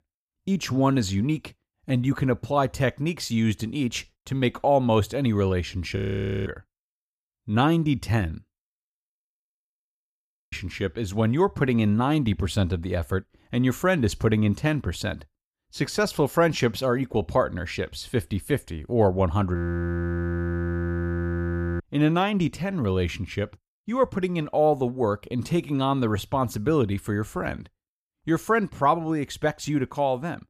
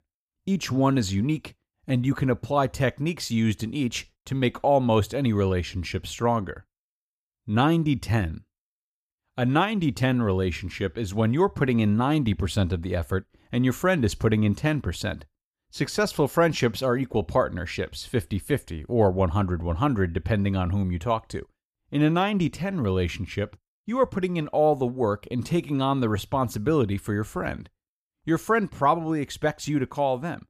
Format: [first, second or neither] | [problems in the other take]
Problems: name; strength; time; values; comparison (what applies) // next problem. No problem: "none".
second | audio freezing; at 6 s, at 9 s for 1.5 s and at 20 s for 2.5 s